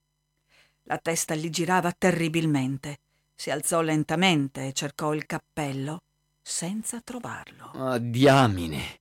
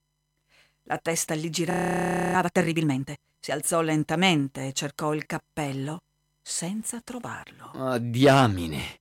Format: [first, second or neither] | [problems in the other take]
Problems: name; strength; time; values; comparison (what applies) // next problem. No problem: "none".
first | audio freezing; at 1.5 s for 0.5 s